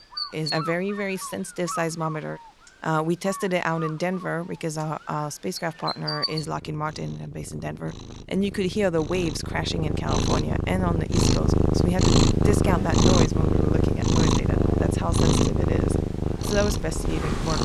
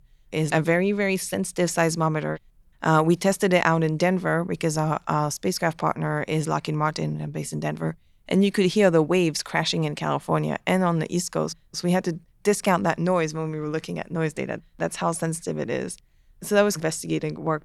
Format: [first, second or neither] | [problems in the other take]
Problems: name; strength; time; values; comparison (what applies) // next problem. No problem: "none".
second | animal sounds; very loud; throughout; 5 dB above the speech